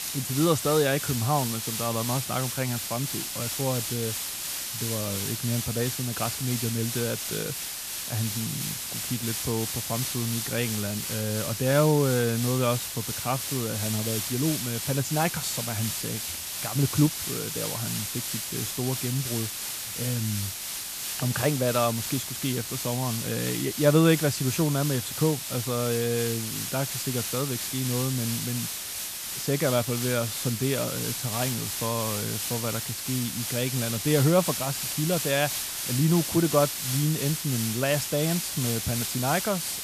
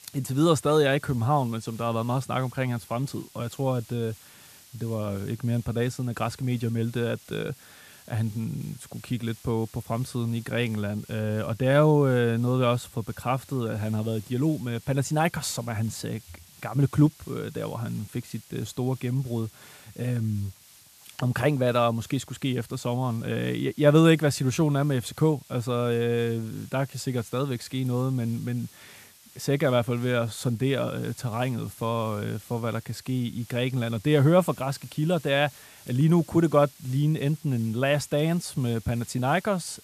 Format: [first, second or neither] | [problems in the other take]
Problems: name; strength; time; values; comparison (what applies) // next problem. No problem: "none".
second | hiss; loud; throughout; 2 dB below the speech; faint in the second